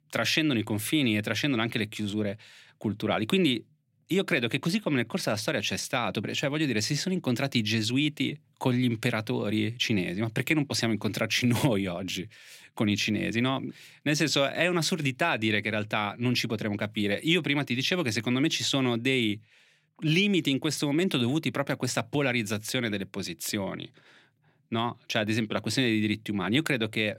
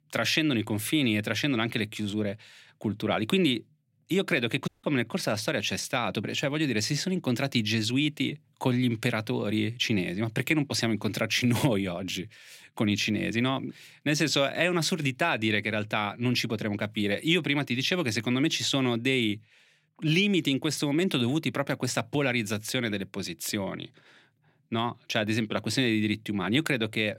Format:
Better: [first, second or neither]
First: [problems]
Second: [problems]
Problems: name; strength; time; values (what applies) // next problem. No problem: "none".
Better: first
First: none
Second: audio cutting out; at 4.5 s